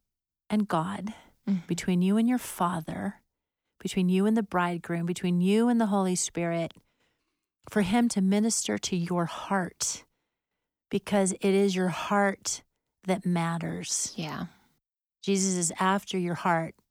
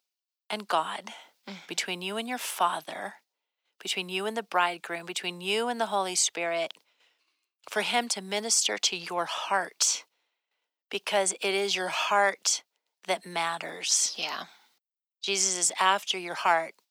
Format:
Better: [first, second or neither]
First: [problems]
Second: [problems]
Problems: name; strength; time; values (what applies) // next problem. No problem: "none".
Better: first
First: none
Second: thin; very; fading below 650 Hz